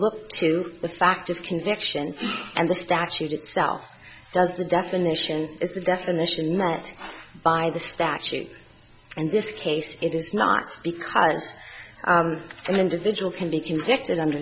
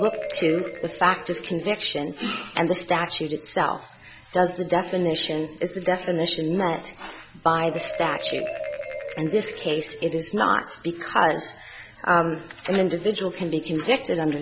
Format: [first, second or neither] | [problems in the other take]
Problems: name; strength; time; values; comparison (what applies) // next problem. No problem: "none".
first | background sound (Marimba, xylophone); 14 dB below the speech